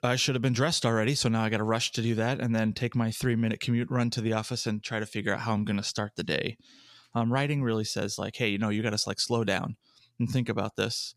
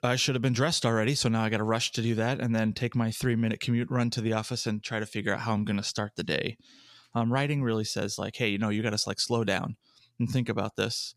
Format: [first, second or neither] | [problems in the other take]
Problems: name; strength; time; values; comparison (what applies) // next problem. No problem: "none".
neither | none